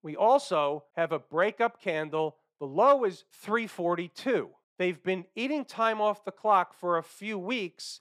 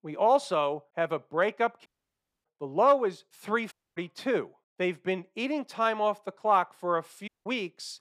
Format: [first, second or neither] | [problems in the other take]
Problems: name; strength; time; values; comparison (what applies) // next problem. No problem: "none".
first | audio cutting out; at 2 s for 0.5 s, at 3.5 s and at 7.5 s